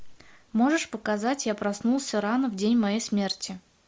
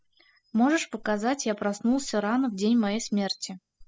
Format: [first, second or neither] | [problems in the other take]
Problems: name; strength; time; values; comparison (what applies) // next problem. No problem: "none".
first | noise reduction (classical method spectral subtraction)